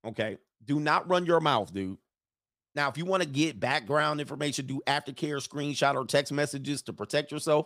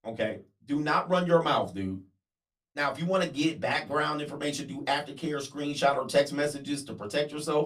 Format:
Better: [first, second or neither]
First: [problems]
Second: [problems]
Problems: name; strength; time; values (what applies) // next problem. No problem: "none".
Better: first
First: none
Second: off-mic speech; far // room echo; very slight; dies away in 0.2 s